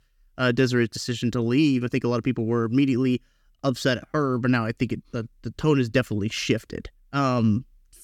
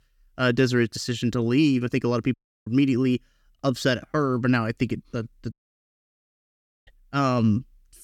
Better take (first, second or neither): first